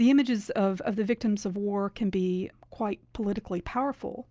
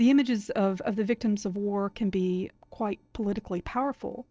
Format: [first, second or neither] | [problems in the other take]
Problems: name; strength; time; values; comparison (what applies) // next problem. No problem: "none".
first | noise reduction (neural separator model SepFormer DNS4)